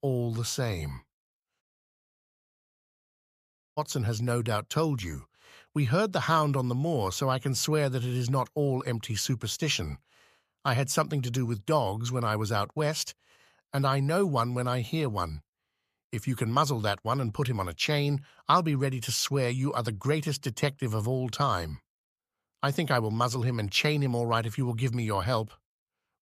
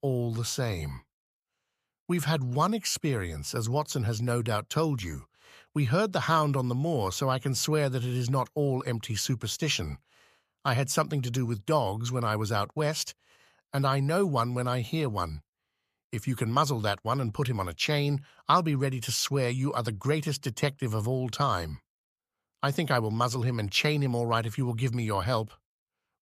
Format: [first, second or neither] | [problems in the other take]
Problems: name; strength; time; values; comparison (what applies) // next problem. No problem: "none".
second | audio cutting out; at 1.5 s for 2 s